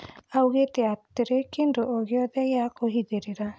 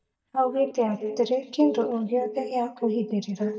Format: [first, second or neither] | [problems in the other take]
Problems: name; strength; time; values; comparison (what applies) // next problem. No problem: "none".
first | noise reduction (neural mask model DeepFilterNet 3)